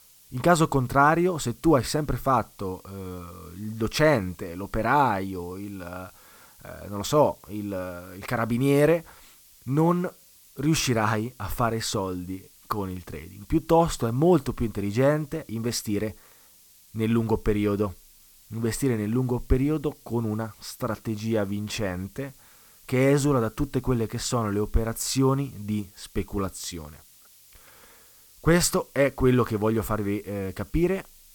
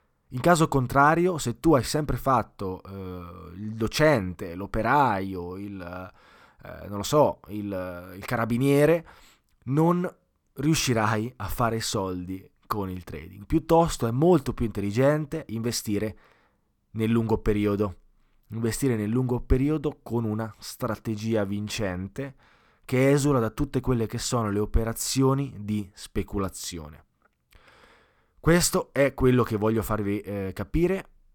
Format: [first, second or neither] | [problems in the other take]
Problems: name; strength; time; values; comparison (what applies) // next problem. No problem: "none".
second | hiss; faint; throughout; 25 dB below the speech